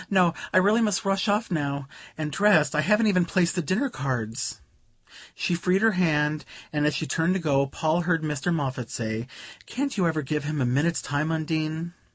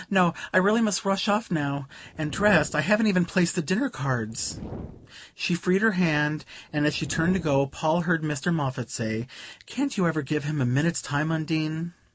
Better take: first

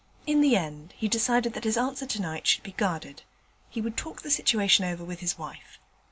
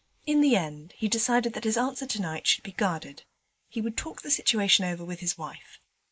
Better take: first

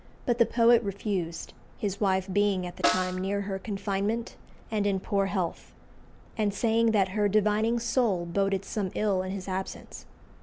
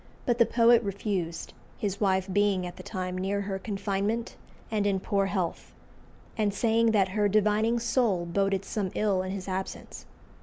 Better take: second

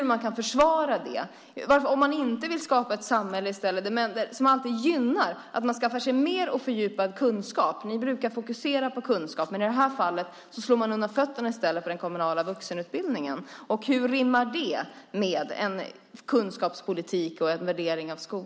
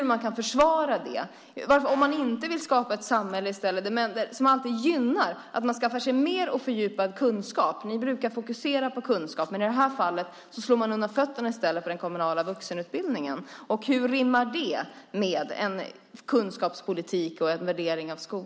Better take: first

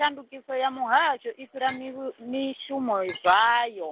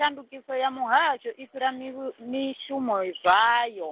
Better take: second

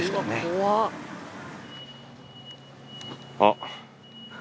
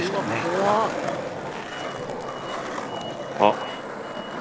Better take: first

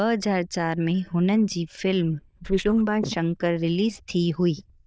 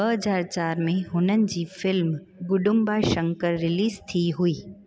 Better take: second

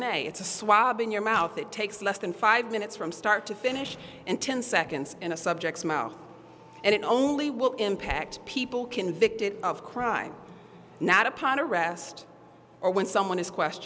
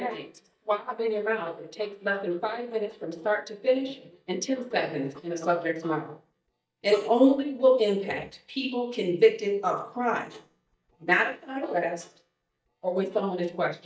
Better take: first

